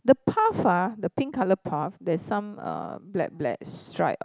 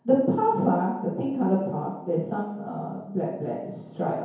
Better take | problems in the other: first | room echo; dies away in 1 s

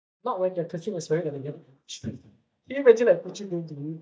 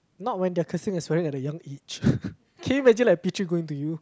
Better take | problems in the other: second | noise reduction (neural mask model DeepFilterNet 3)

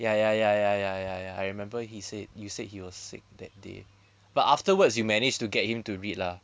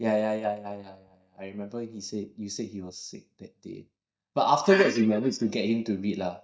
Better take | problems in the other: first | noise reduction (neural mask model DeepFilterNet 3)

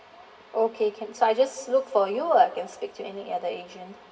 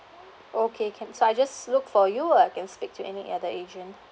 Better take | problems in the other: second | room echo; dies away in 1.6 s

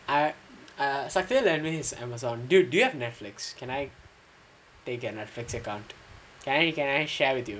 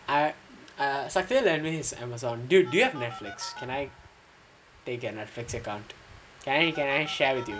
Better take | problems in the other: first | background sound (Telephone); 18 dB below the speech

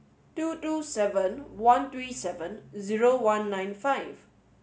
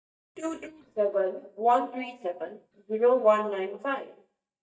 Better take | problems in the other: first | noise reduction (neural mask model DeepFilterNet 3)

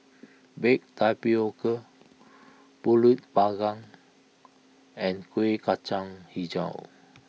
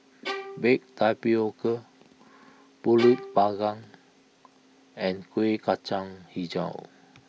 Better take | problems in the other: first | background sound (Bowed string instrument); 12 dB below the speech

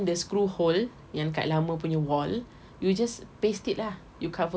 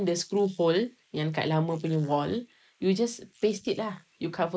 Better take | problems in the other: first | noise reduction (neural mask model Resemble Enhance denoiser)

